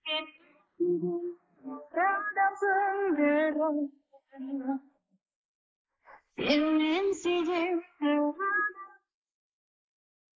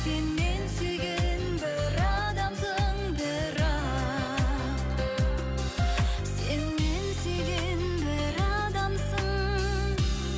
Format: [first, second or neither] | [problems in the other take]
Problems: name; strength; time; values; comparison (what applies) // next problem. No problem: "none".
second | noise reduction (neural mask model Resemble Enhance denoiser)